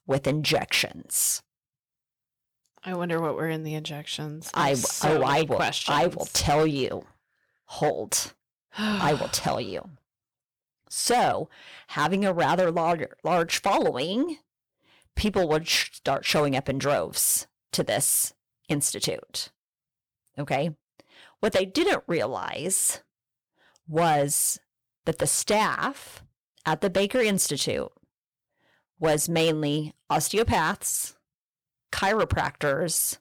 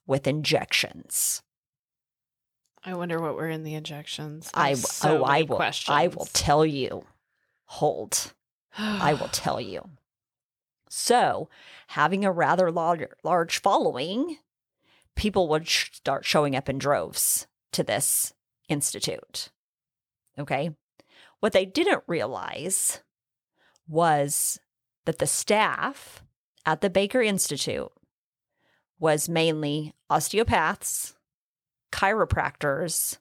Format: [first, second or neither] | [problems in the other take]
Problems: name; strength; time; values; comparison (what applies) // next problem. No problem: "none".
second | distortion; slight; 5% of the sound clipped